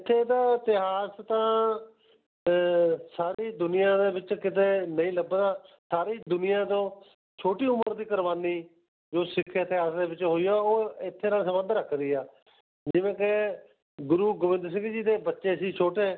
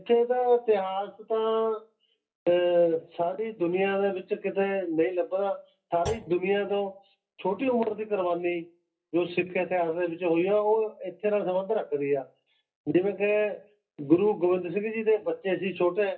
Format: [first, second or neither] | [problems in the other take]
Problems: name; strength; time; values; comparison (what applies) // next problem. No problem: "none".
first | noise reduction (classical method WPE with log-MMSE)